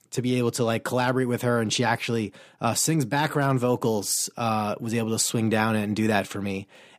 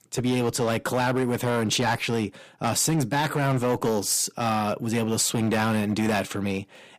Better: first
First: none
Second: distortion; slight; 10% of the sound clipped

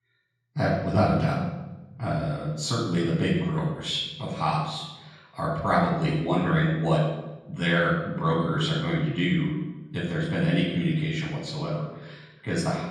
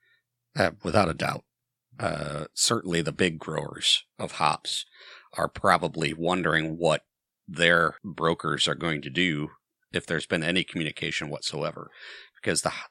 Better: second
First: room echo; strong; dies away in 1.3 s // off-mic speech; far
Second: none

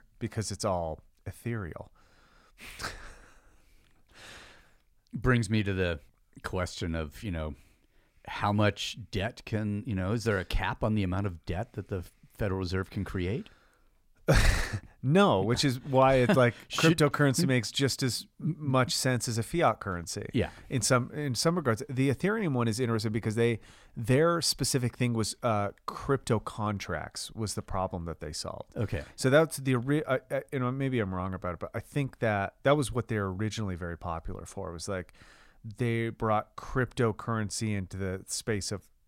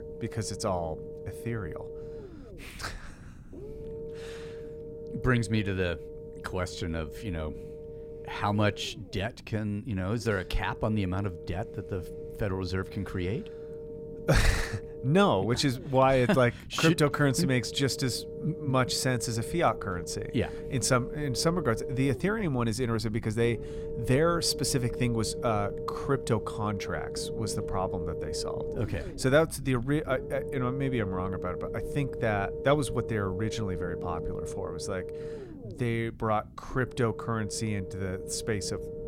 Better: first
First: none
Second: low rumble; loud; throughout; 9 dB below the speech

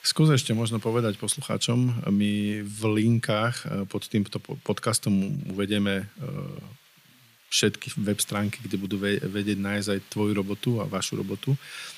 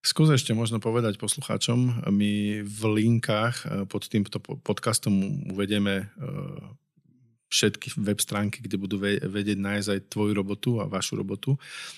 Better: second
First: hiss; faint; throughout; 25 dB below the speech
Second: none

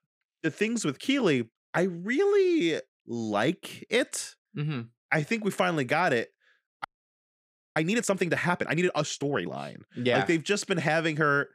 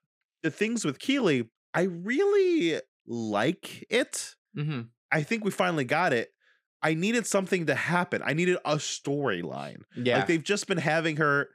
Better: second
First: audio freezing; at 7 s for 1 s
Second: none

